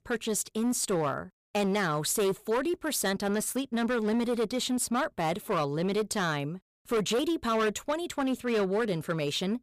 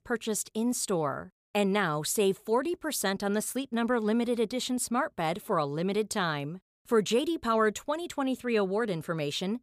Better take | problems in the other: second | distortion; slight; 12% of the sound clipped

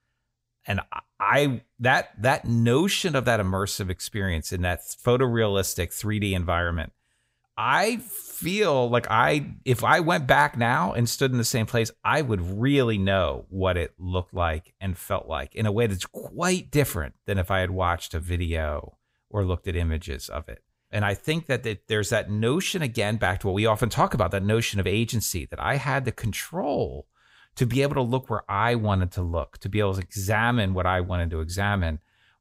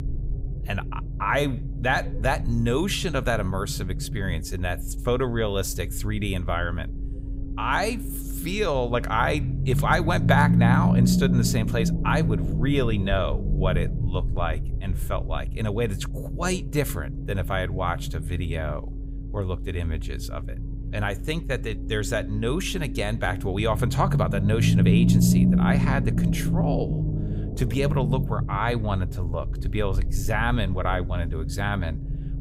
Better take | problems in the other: first | low rumble; loud; throughout; 9 dB below the speech

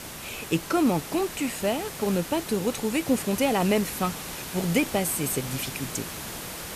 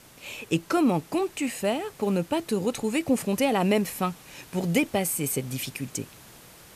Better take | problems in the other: second | hiss; loud; throughout; 8 dB below the speech; faint in the second

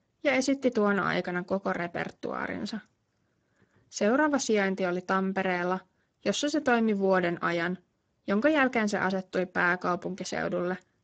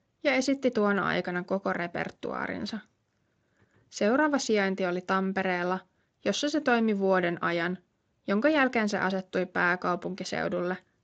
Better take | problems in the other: second | garbled, watery; badly; nothing above 7.5 kHz; slightly in the second

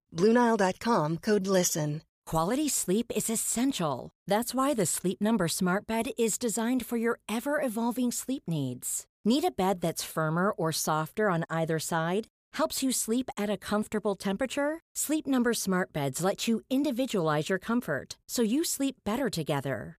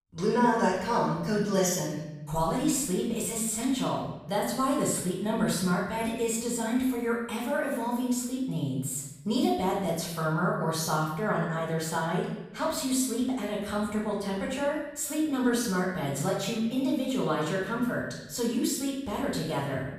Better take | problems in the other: first | off-mic speech; far // room echo; noticeable; dies away in 0.9 s

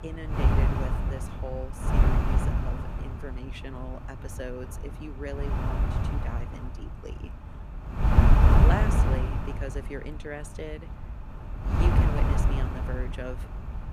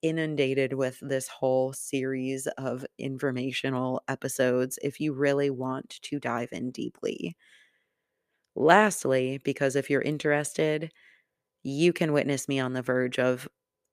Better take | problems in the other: second | wind noise on the microphone; heavy; 5 dB above the speech

